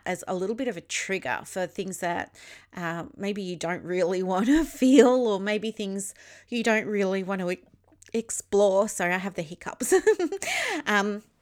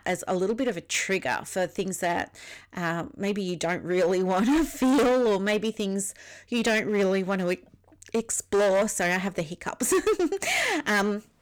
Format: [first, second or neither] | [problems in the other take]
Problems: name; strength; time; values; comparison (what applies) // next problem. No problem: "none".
first | distortion; heavy; 10% of the sound clipped